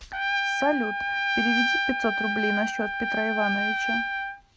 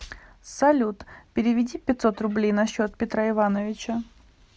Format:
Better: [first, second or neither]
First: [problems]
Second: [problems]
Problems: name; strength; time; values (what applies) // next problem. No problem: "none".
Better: second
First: background sound (Trumpet); 3 dB above the speech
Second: none